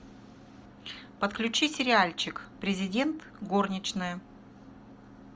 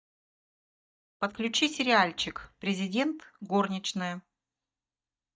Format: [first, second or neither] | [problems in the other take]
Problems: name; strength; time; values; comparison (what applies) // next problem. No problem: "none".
first | noise reduction (neural mask model DeepFilterNet 3)